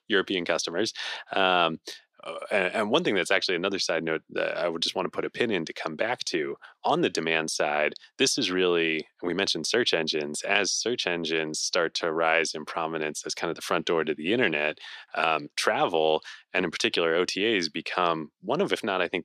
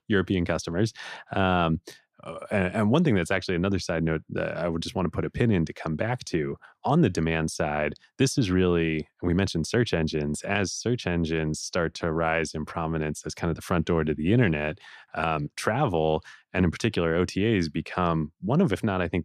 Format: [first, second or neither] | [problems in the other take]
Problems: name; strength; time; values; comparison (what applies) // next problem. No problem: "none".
second | thin; somewhat; fading below 400 Hz